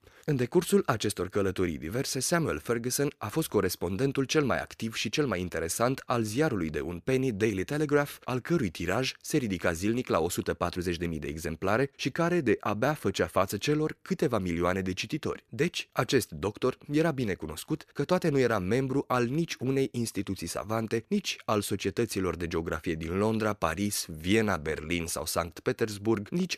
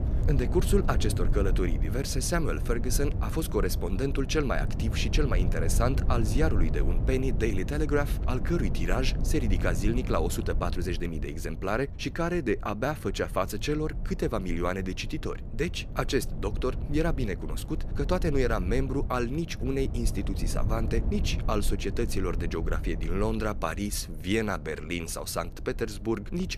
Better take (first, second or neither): first